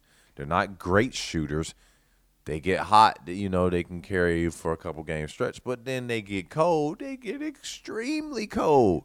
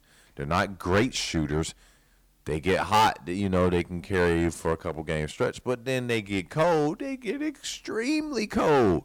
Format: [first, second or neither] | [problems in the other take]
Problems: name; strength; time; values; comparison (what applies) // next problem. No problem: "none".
first | distortion; heavy; 5% of the sound clipped